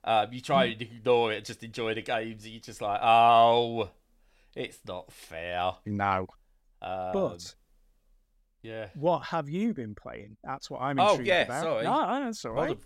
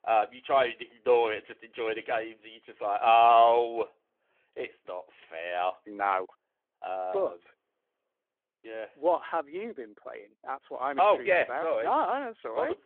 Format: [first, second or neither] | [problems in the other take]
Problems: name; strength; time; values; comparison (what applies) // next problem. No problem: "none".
first | phone-call audio